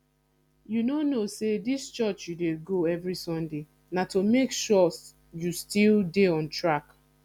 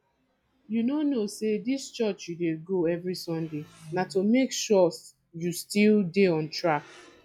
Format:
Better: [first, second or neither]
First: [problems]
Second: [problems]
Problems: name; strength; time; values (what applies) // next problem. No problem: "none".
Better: first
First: none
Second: noise reduction (classical method log-MMSE)